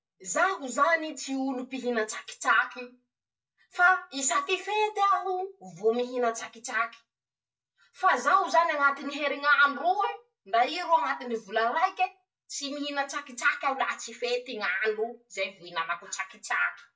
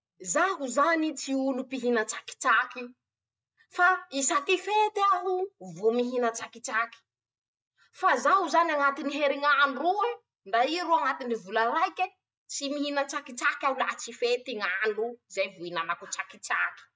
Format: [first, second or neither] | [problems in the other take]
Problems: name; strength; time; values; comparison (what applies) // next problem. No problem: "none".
second | room echo; dies away in 0.2 s